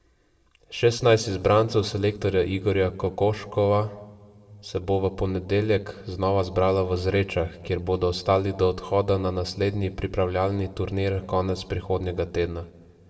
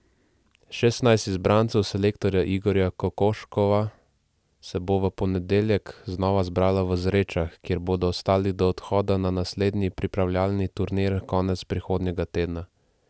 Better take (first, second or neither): second